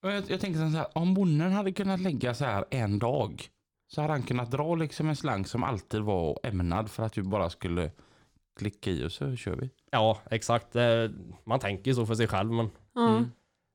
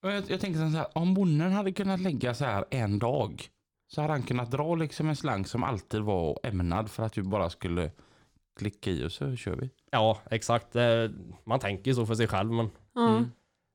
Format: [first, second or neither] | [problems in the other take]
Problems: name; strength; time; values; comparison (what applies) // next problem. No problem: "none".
neither | none